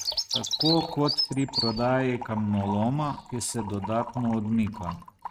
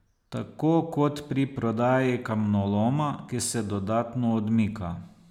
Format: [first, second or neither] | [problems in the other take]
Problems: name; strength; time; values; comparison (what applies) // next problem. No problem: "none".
second | noise reduction (neural mask model RNNoise)